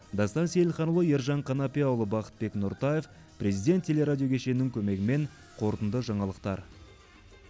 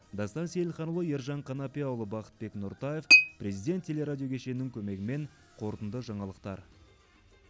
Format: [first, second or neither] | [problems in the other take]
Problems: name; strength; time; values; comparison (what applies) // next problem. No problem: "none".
first | background sound (Chink, clink); 2 dB above the speech